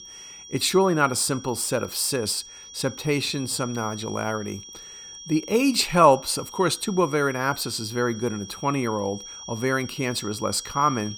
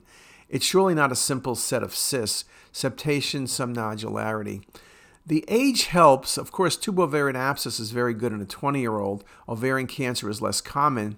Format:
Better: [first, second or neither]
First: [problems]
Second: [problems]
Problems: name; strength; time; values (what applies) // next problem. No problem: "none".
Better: second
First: high-pitched whine; noticeable; throughout; 5.5 kHz, 15 dB below the speech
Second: none